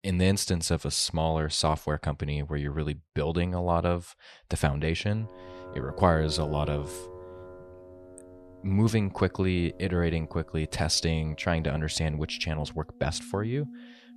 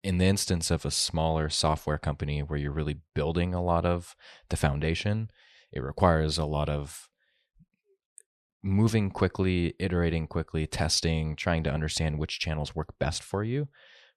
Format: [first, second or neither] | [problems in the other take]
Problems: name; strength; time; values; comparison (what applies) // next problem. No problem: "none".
second | background music; noticeable; from 5 s on; 15 dB below the speech